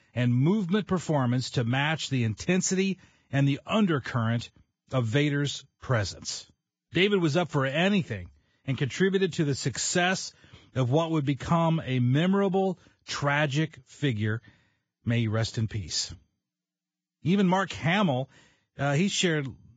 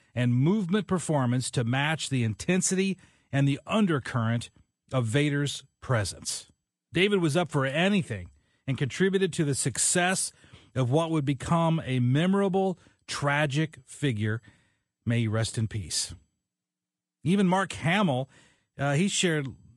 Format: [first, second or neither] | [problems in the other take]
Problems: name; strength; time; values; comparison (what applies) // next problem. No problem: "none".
second | garbled, watery; badly; nothing above 7.5 kHz; slightly in the second